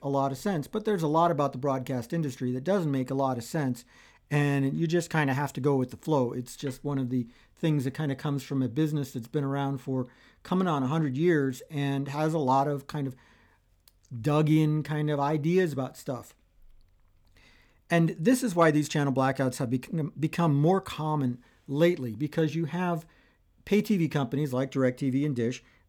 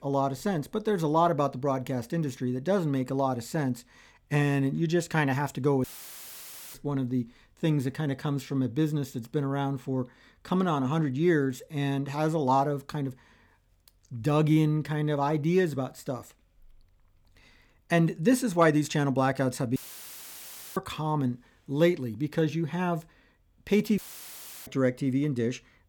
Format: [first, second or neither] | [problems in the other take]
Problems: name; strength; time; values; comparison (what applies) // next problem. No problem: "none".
first | audio cutting out; filled with static; at 6 s for 1 s, at 20 s for 1 s and at 24 s for 0.5 s